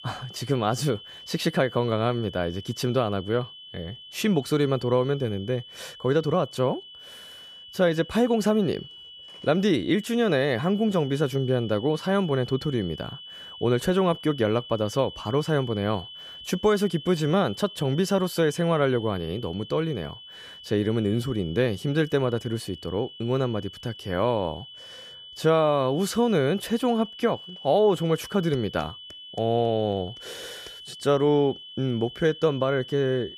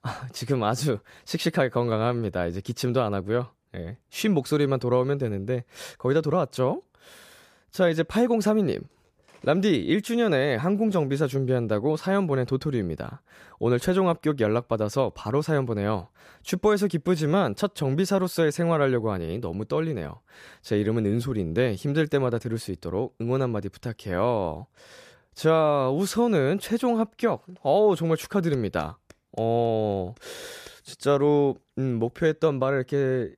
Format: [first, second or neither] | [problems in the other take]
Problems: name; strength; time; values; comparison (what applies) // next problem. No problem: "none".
second | high-pitched whine; noticeable; throughout; 3 kHz, 15 dB below the speech